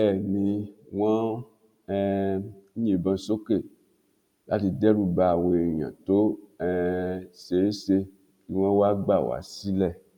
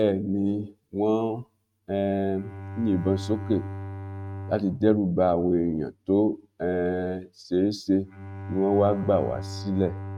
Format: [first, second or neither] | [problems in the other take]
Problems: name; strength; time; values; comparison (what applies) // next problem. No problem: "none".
first | noise reduction (neural mask model RNNoise)